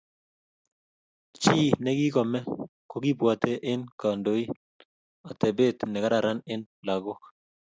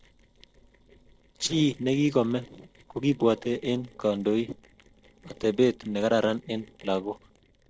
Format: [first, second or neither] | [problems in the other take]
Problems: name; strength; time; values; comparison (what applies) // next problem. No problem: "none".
first | noise reduction (neural separator model SepFormer DNS4)